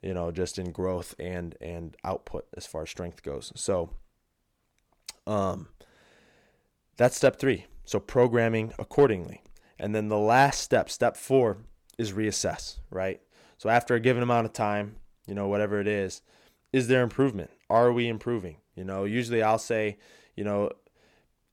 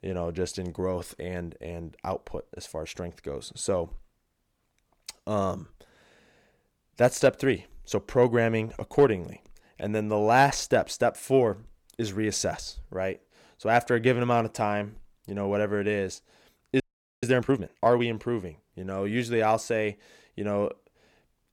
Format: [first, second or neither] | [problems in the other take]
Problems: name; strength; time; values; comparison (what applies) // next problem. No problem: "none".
first | audio freezing; at 17 s